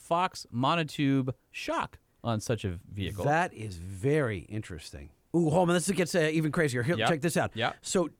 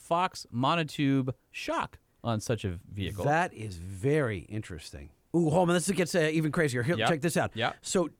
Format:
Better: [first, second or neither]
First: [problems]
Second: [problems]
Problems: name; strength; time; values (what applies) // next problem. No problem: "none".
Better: neither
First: none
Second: none